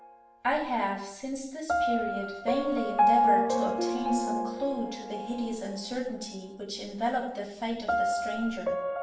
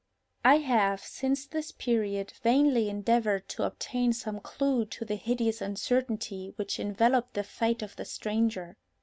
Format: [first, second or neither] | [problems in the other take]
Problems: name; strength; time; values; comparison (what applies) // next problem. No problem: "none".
second | background sound (Piano); 2 dB above the speech // room echo; dies away in 0.6 s